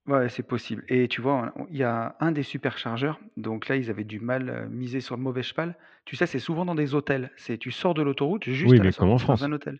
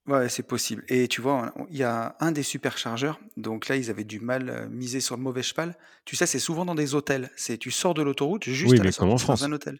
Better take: second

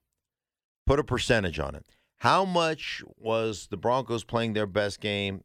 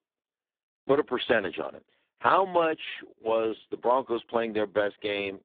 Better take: first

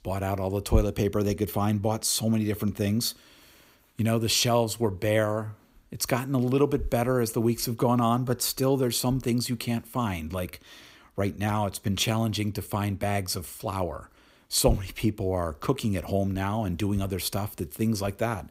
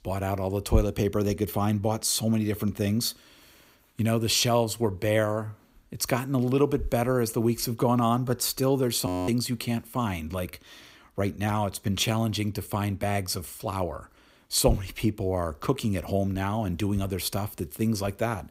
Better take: first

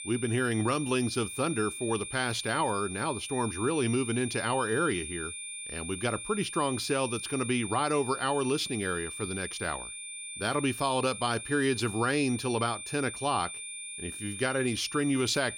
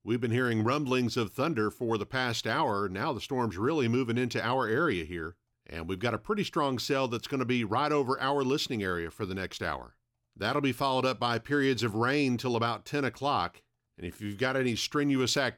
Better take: second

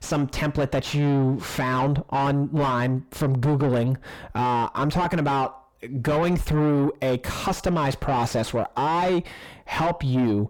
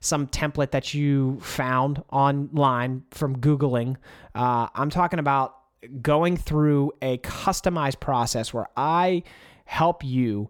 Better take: second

